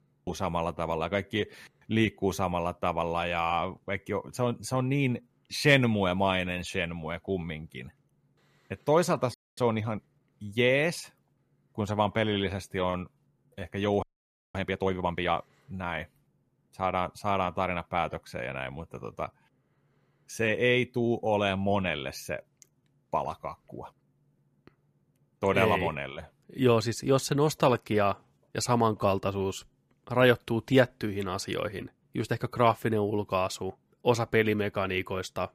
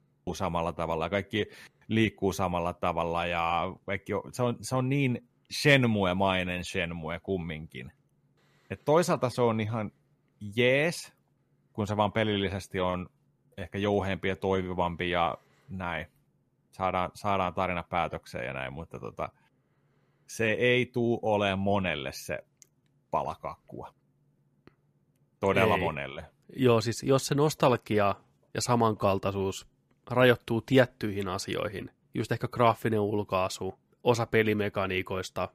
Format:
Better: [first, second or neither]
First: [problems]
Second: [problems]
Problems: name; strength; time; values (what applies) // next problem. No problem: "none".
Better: second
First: audio freezing; at 9.5 s and at 14 s for 0.5 s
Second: none